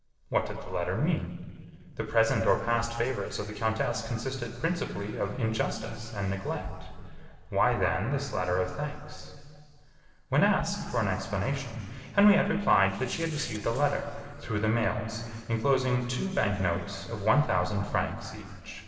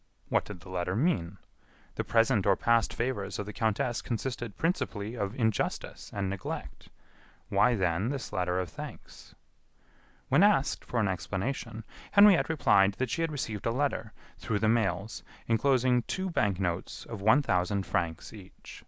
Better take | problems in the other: second | noise reduction (neural separator model SepFormer DNS4)

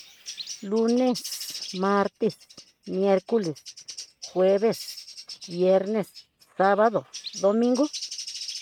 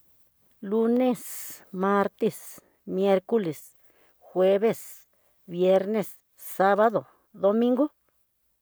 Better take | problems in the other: second | noise reduction (neural mask model RNNoise)

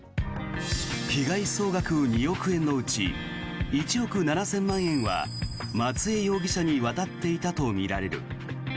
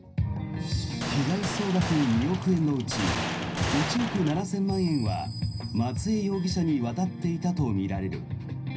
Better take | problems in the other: first | background sound (Gunshot, gunfire); 7 dB below the speech // room echo; dies away in 0.4 s

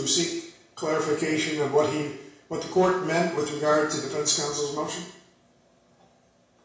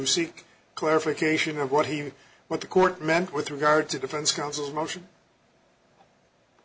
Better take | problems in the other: second | room echo; dies away in 0.7 s

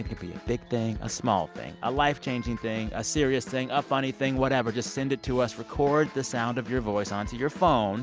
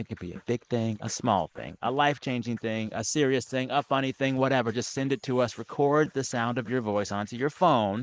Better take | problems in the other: first | noise reduction (neural mask model Resemble Enhance denoiser)

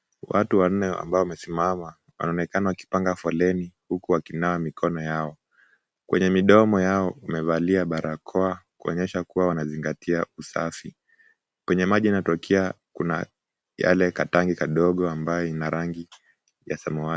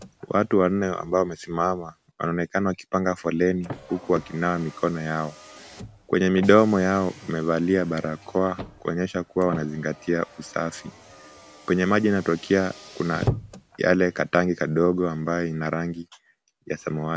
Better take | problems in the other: first | background sound (Car); 16 dB below the speech

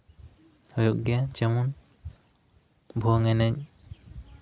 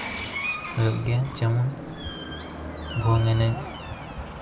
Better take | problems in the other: first | background sound (Door); 8 dB below the speech // room echo; dies away in 2.1 s

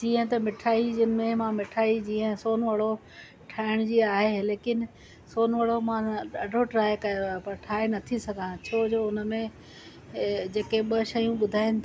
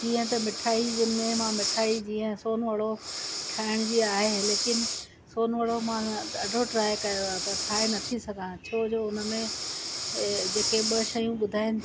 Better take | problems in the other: first | background sound (Breathing); 4 dB below the speech

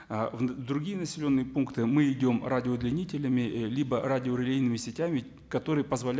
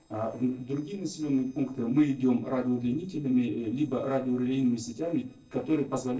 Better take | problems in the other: first | noise reduction (neural separator model SepFormer DNS4)

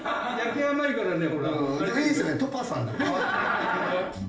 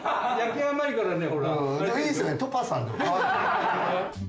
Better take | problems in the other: second | room echo; dies away in 0.6 s

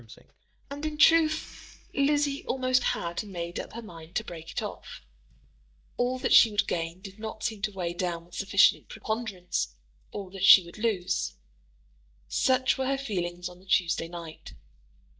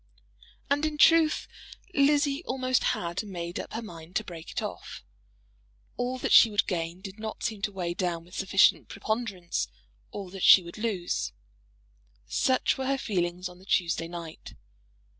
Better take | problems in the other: second | noise reduction (neural mask model DeepFilterNet 3)

